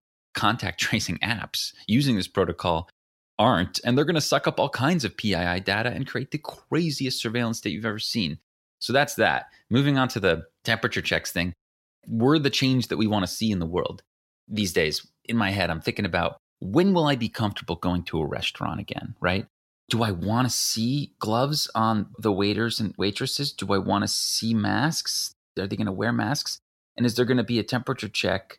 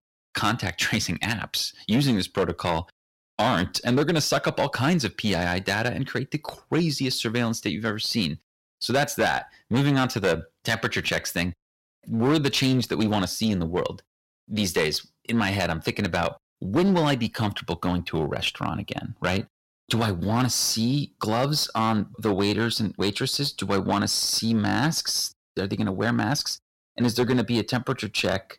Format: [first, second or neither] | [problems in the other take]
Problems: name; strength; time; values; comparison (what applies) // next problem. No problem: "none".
first | distortion; slight; 7% of the sound clipped